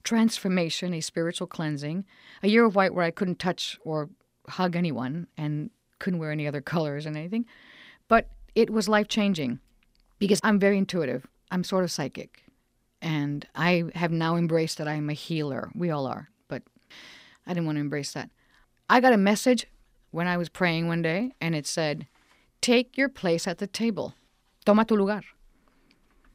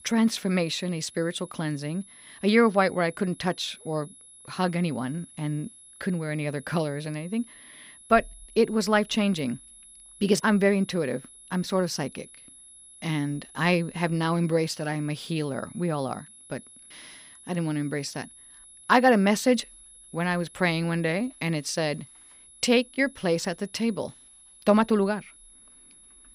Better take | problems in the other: first | high-pitched whine; faint; throughout; 11 kHz, 20 dB below the speech

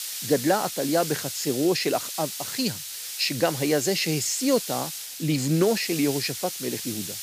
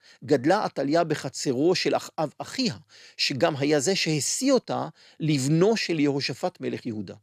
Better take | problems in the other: second | hiss; loud; throughout; 6 dB below the speech

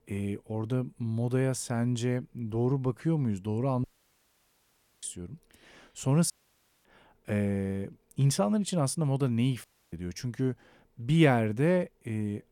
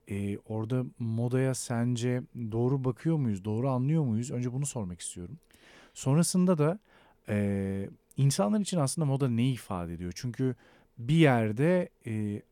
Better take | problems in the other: second | audio cutting out; at 4 s for 1 s, at 6.5 s for 0.5 s and at 9.5 s

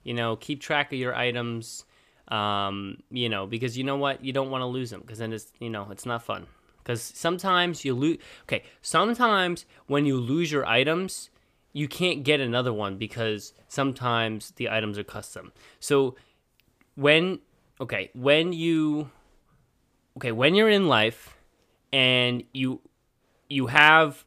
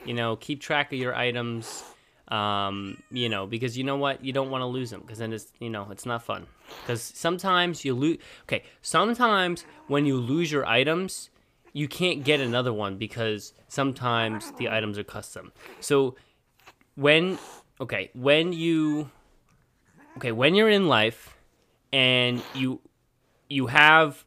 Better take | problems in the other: first | hiss; faint; throughout; 25 dB below the speech

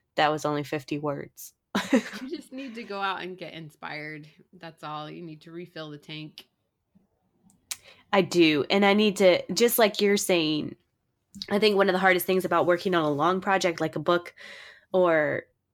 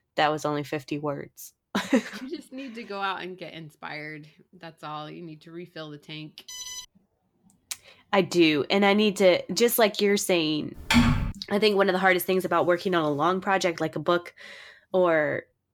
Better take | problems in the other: first | alarm; faint; at 6.5 s; peak 10 dB below the speech // keyboard typing; loud; at 11 s; peak 3 dB above the speech

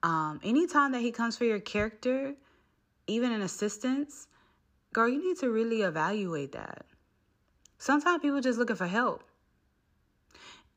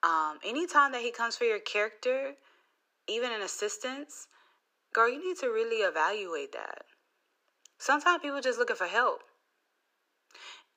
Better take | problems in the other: first | thin; very; fading below 400 Hz

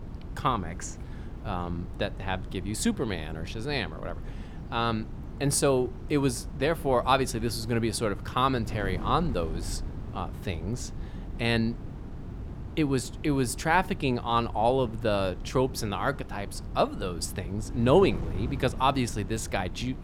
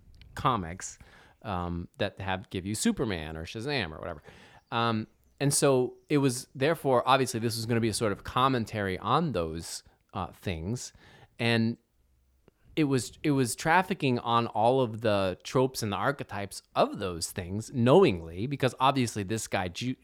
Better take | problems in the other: second | wind noise on the microphone; occasional gusts; 20 dB below the speech

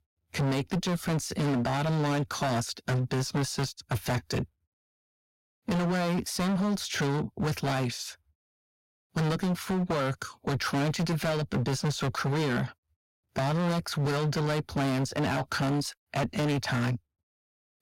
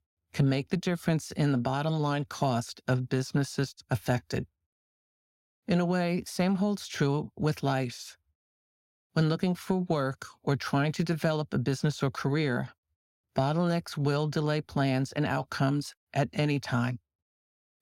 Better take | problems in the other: second | distortion; heavy; 22% of the sound clipped

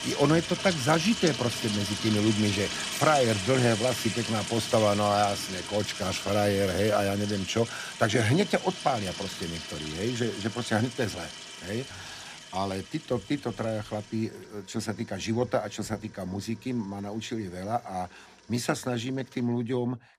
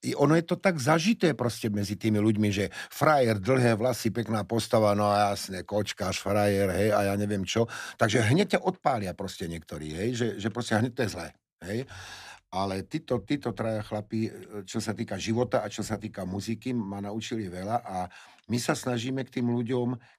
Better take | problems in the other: second | household noises; loud; throughout; 6 dB below the speech

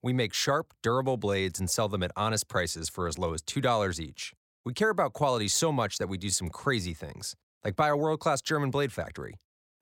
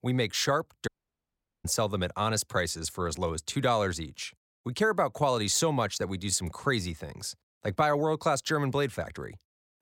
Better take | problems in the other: first | audio cutting out; at 1 s for 1 s

